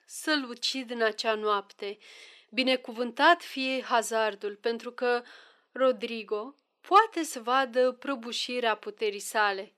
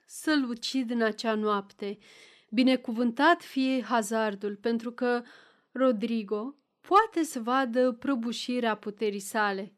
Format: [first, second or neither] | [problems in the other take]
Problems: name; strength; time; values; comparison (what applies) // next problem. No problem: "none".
second | thin; somewhat; fading below 450 Hz